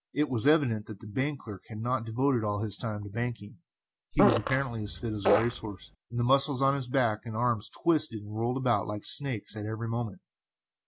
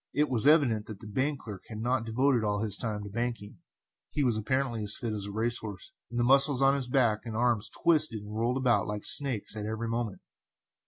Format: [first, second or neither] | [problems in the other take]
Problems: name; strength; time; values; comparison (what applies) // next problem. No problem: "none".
second | background sound (Fart); 1 dB above the speech